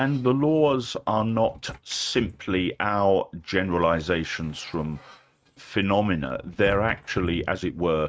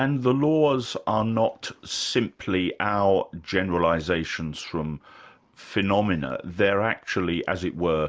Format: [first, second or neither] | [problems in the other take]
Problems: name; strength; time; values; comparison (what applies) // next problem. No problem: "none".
second | noise reduction (neural mask model RNNoise)